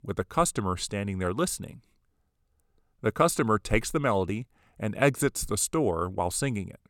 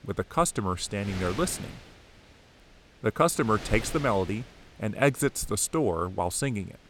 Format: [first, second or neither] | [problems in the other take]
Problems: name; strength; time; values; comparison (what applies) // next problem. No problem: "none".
first | wind noise on the microphone; occasional gusts; 15 dB below the speech